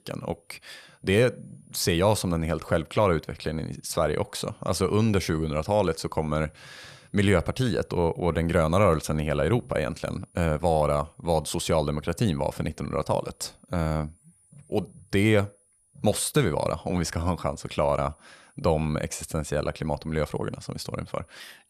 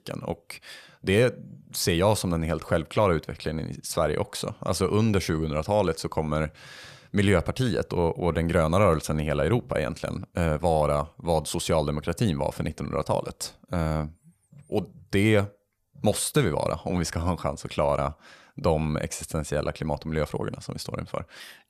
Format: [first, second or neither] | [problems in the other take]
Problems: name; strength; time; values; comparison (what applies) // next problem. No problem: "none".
second | high-pitched whine; faint; throughout; 9.5 kHz, 35 dB below the speech